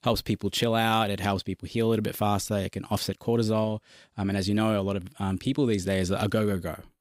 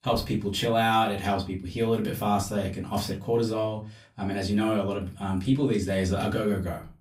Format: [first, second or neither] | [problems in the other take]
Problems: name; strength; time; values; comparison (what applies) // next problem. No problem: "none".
first | off-mic speech; far // room echo; very slight; dies away in 0.3 s